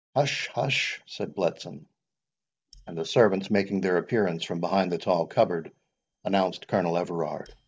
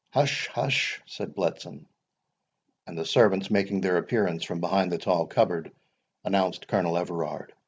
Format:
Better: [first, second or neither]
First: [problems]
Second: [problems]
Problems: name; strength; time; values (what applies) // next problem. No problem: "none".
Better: second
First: noise reduction (neural mask model DeepFilterNet 3)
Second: none